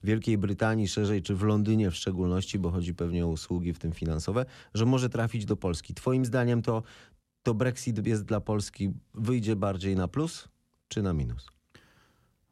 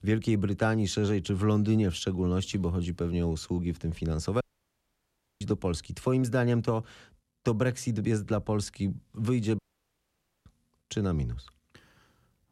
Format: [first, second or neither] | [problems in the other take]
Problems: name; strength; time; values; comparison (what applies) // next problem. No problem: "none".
first | audio cutting out; at 4.5 s for 1 s and at 9.5 s for 1 s